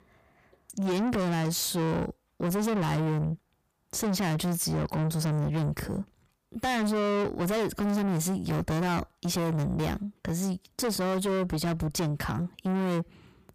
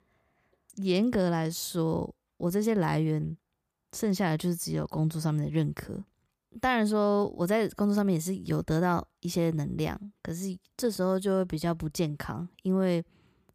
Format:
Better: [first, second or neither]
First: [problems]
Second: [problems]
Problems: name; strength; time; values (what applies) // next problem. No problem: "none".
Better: second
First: distortion; heavy; 6 dB below the speech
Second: none